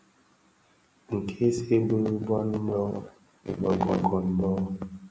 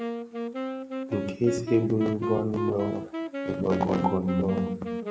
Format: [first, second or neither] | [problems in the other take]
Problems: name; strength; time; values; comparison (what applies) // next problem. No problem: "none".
first | background sound (Wind instrument, woodwind instrument); 5 dB below the speech